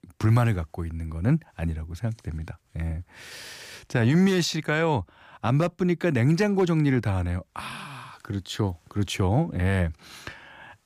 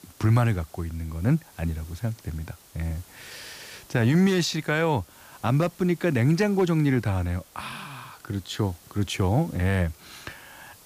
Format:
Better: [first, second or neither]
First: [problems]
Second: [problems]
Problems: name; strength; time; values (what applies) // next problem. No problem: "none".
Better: first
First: none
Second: hiss; faint; throughout; 25 dB below the speech